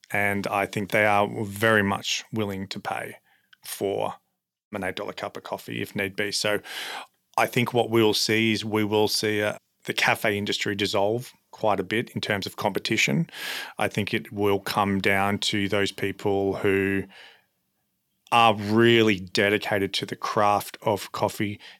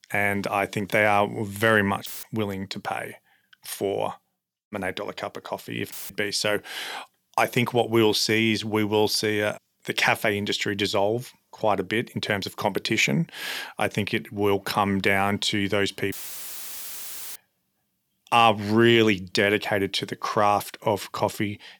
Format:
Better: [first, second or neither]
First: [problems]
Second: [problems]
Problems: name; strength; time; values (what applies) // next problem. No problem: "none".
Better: first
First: none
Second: audio cutting out; filled with static; at 2 s, at 6 s and at 16 s for 1 s